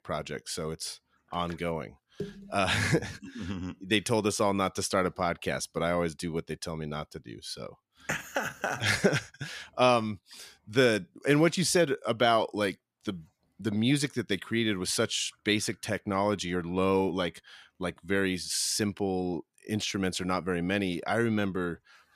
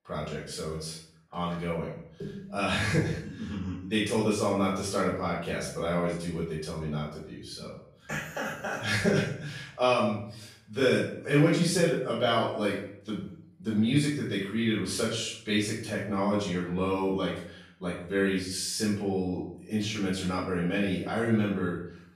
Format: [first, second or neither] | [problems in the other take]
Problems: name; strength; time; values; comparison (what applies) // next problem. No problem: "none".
first | off-mic speech; far // room echo; noticeable; dies away in 0.5 s